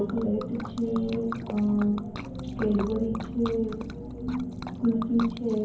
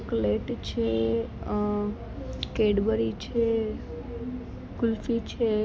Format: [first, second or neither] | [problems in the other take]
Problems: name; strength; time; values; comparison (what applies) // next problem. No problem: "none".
second | background sound (Liquid); 14 dB below the speech // room echo; dies away in 0.9 s